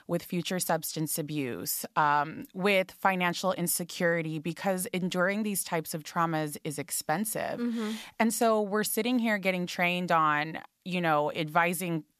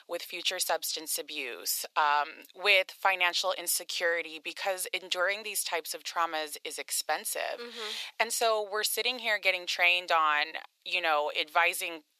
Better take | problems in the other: first | thin; very; fading below 450 Hz

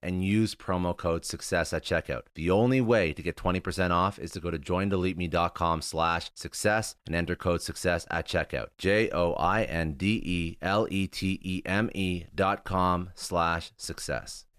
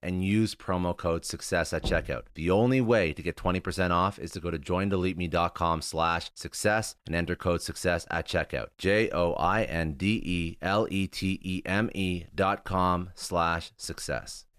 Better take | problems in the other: first | door banging; noticeable; at 2 s; peak 8 dB below the speech

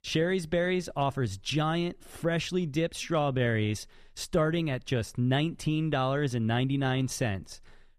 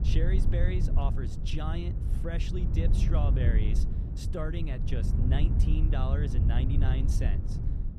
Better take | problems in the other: first | wind noise on the microphone; heavy; 4 dB below the speech

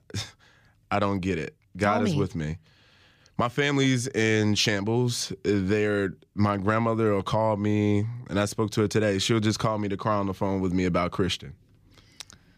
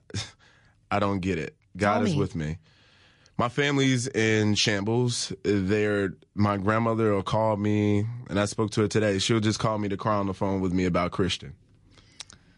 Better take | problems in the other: first | garbled, watery; slightly; nothing above 10.5 kHz

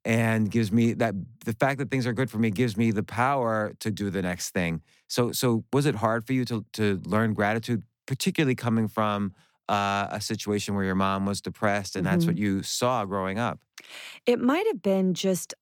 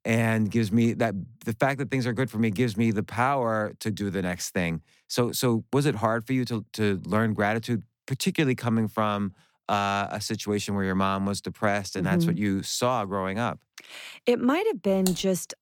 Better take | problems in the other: first | keyboard typing; noticeable; at 15 s; peak 8 dB below the speech

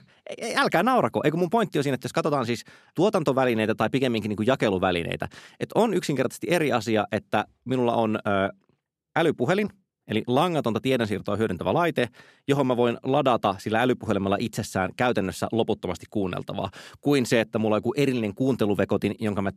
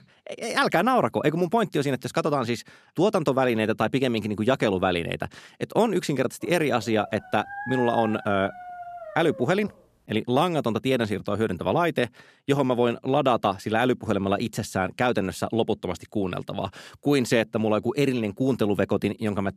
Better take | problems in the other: first | dog barking; noticeable; from 6.5 to 9.5 s; peak 7 dB below the speech

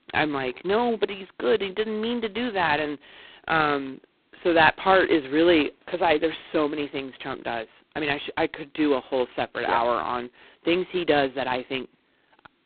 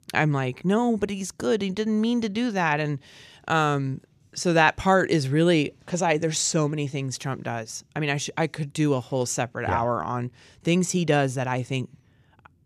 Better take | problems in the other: second | phone-call audio; poor line; nothing above 4 kHz

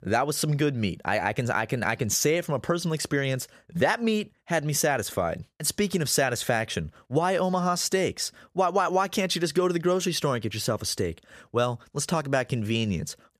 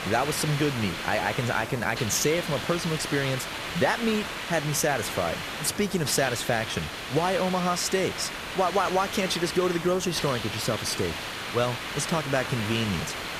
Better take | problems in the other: first | hiss; loud; throughout; 5 dB below the speech

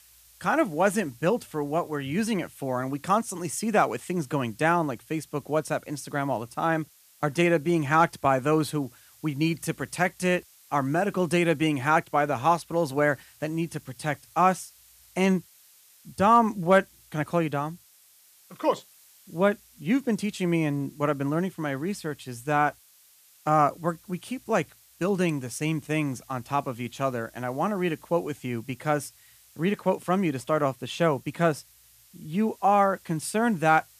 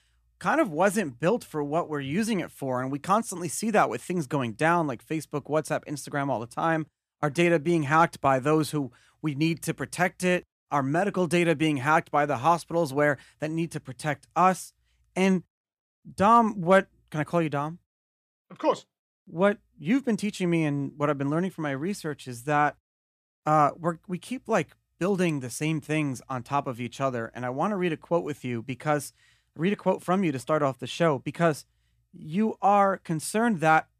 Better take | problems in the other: second | hiss; faint; throughout; 25 dB below the speech

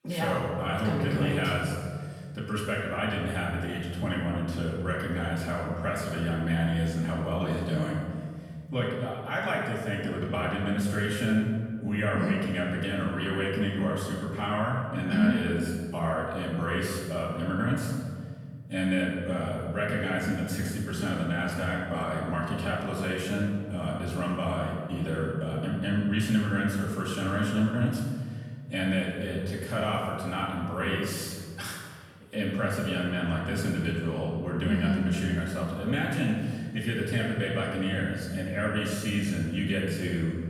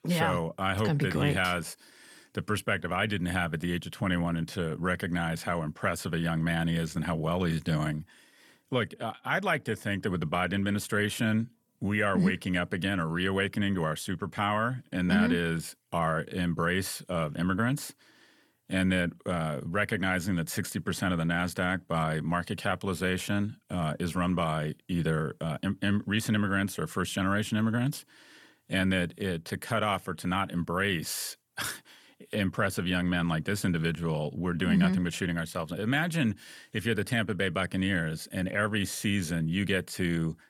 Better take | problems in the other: second | off-mic speech; far // room echo; noticeable; dies away in 1.8 s

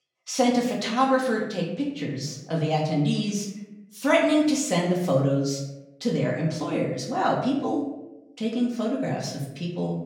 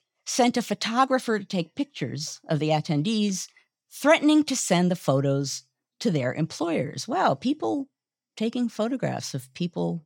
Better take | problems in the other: second | room echo; noticeable; dies away in 0.7 s // off-mic speech; far

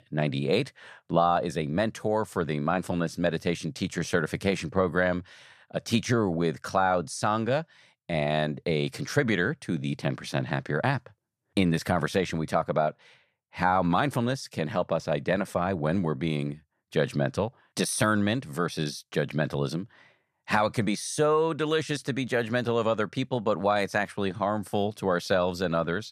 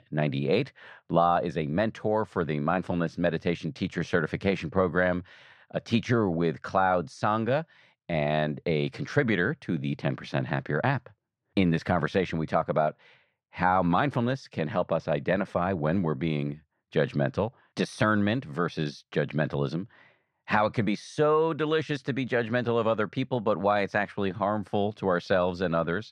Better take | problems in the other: first | muffled; slightly; fading above 3.5 kHz

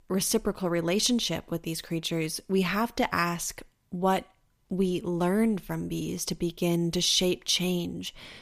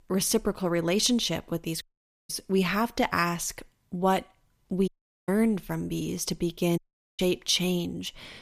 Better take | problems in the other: first | audio cutting out; at 2 s, at 5 s and at 7 s

